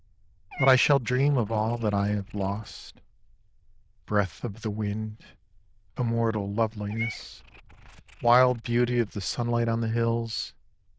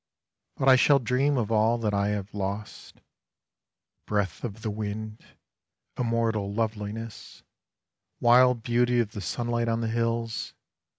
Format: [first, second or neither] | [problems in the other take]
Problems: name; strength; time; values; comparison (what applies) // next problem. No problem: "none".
second | noise reduction (neural diffusion model UNIVERSE++)